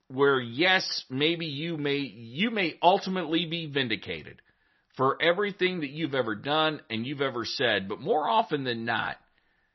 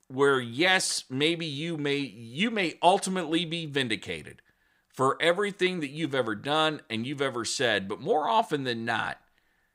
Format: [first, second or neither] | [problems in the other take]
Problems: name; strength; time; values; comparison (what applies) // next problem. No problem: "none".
second | garbled, watery; slightly; nothing above 6 kHz